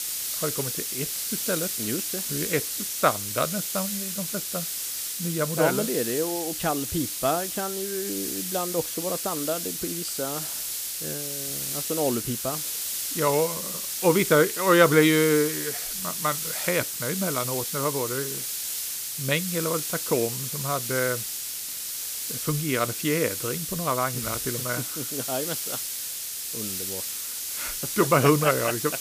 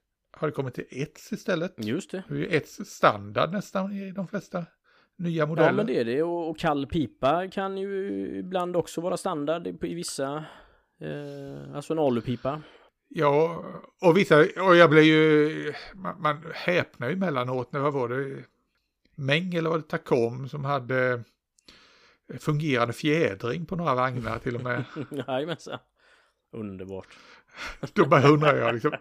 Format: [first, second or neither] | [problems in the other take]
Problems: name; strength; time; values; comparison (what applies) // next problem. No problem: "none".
second | hiss; loud; throughout; 2 dB below the speech